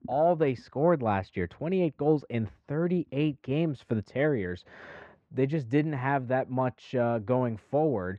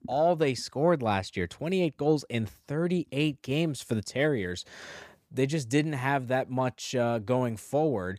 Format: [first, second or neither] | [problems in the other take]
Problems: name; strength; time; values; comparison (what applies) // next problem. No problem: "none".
second | muffled; very; fading above 2 kHz